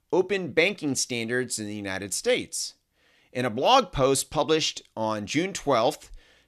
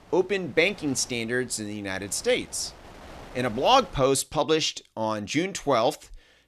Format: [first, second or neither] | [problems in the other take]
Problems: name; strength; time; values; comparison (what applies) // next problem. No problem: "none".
first | wind noise on the microphone; occasional gusts; until 4 s; 20 dB below the speech